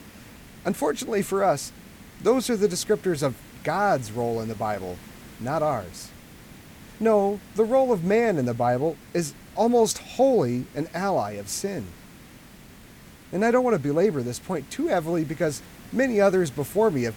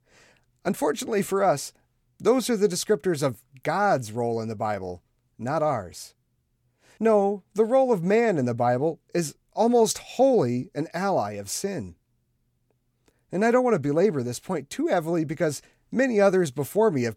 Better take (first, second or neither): second